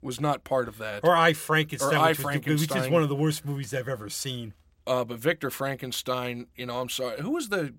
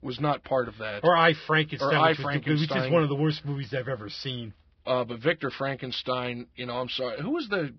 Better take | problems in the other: first | garbled, watery; badly; nothing above 5.5 kHz

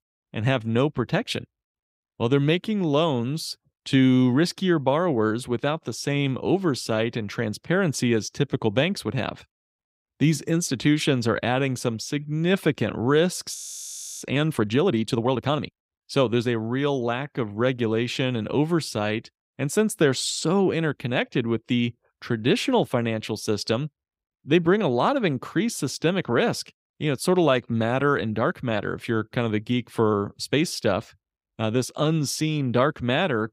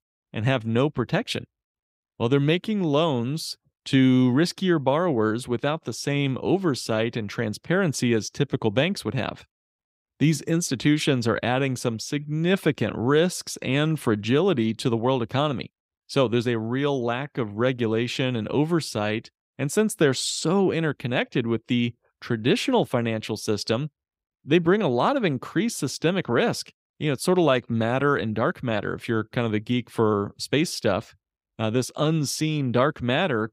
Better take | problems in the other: second | audio freezing; at 14 s for 0.5 s

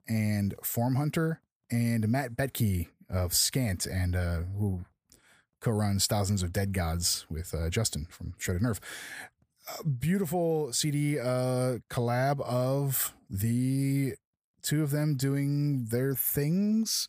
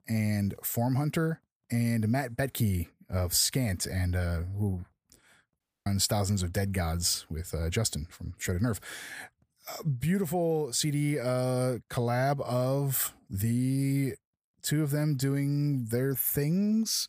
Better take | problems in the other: first | audio cutting out; at 5.5 s

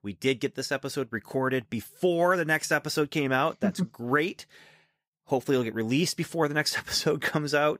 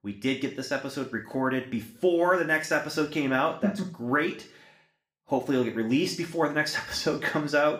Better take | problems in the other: first | room echo; slight; dies away in 0.4 s // off-mic speech; somewhat distant

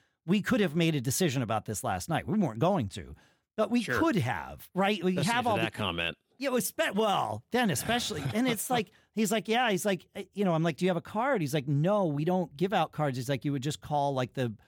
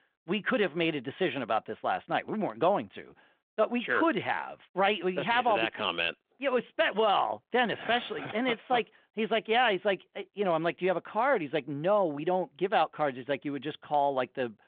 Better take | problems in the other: first | phone-call audio

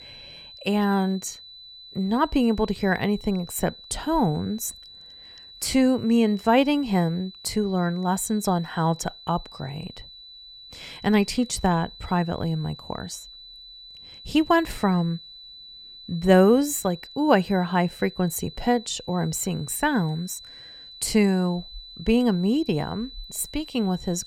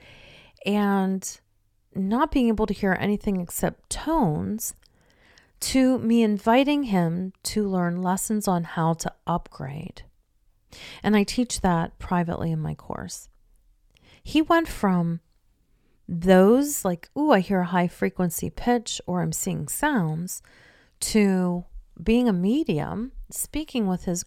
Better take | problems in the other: second | high-pitched whine; noticeable; throughout; 4 kHz, 20 dB below the speech

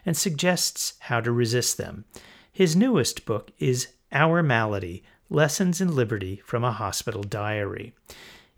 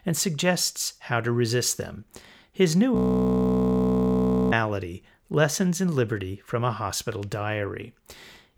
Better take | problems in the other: first | audio freezing; at 3 s for 1.5 s

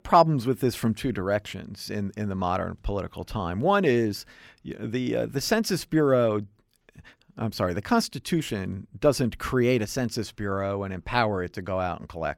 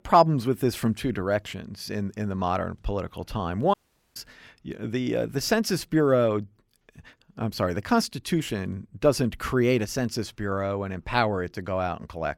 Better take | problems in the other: first | audio cutting out; at 3.5 s

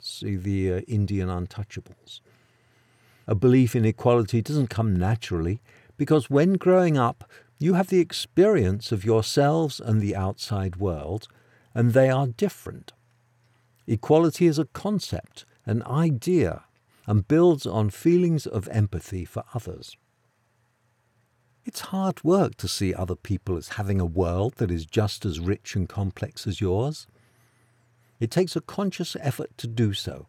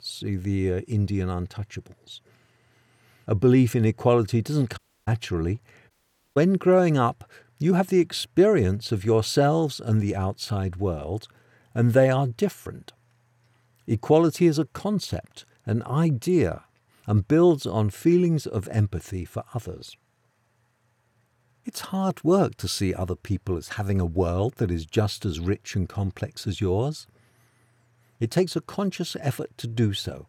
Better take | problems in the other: first | audio cutting out; at 5 s and at 6 s

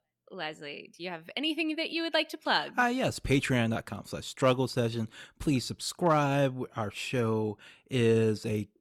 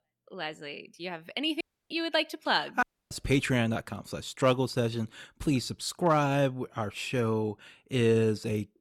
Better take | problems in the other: first | audio cutting out; at 1.5 s and at 3 s

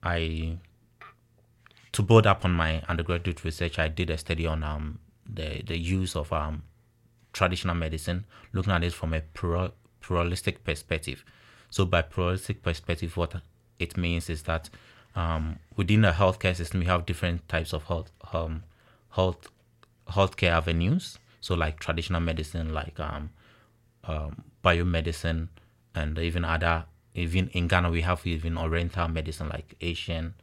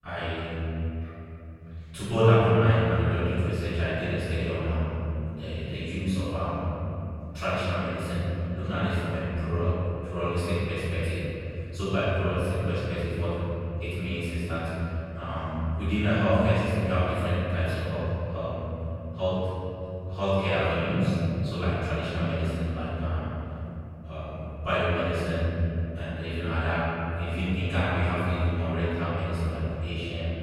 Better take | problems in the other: first | off-mic speech; far // room echo; strong; dies away in 3 s

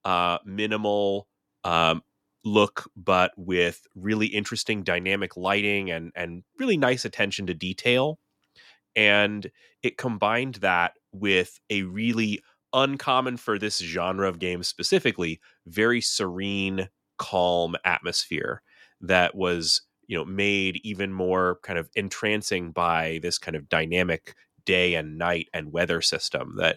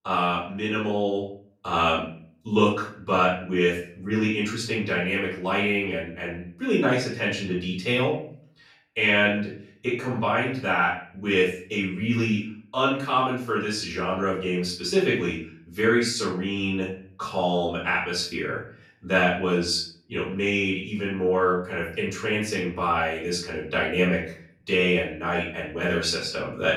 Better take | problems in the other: first | off-mic speech; far // room echo; noticeable; dies away in 0.5 s

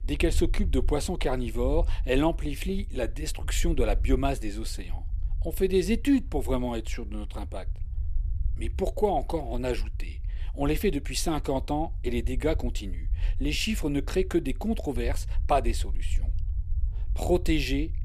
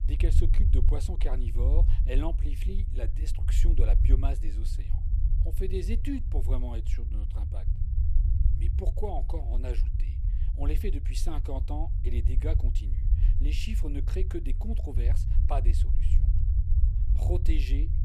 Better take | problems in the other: first | low rumble; loud; throughout; 7 dB below the speech; faint in the first

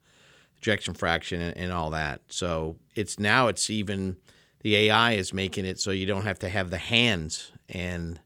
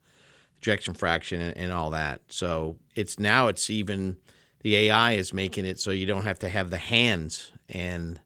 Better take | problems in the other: first | garbled, watery; slightly

